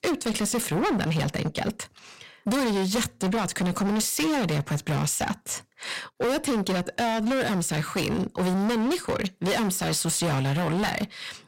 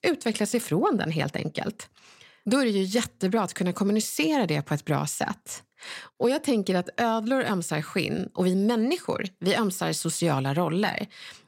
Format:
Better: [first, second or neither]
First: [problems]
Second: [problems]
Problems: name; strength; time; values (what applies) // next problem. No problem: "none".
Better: second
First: distortion; heavy; 25% of the sound clipped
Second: none